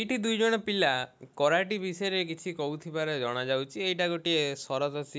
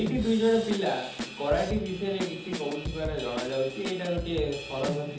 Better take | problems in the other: first | background sound (Drum / Drum kit); 7 dB below the speech // room echo; dies away in 0.6 s

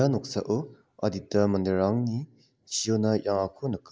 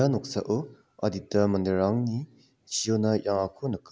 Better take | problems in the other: second | noise reduction (neural mask model Resemble Enhance denoiser)

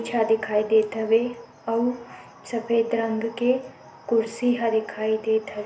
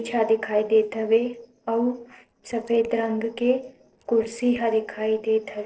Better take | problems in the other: first | noise reduction (neural separator model SepFormer DNS4)

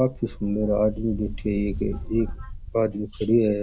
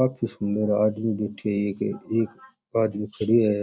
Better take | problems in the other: second | background sound (Wind); 10 dB below the speech

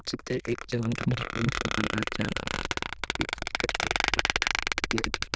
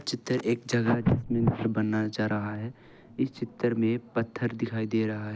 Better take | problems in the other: second | noise reduction (neural diffusion model UNIVERSE++)

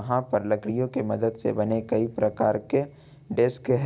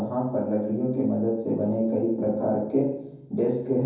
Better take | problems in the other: first | room echo; dies away in 0.9 s

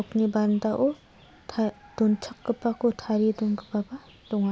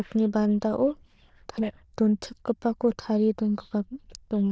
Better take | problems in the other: first | noise reduction (neural diffusion model UNIVERSE++)

